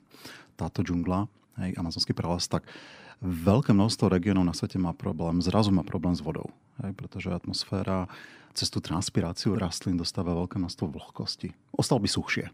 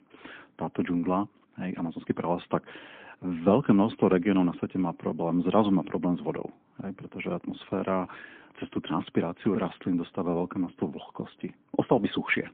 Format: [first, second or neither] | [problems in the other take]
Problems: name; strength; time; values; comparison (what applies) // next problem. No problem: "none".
first | phone-call audio; poor line; nothing above 3.5 kHz